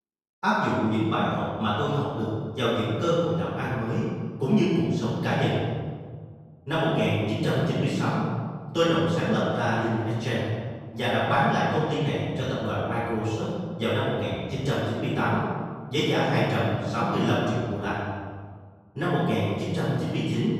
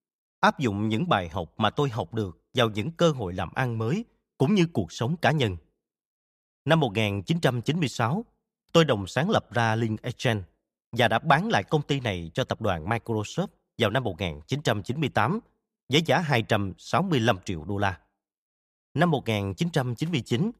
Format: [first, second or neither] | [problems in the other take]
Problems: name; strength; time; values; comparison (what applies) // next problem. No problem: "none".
second | room echo; strong; dies away in 1.5 s // off-mic speech; far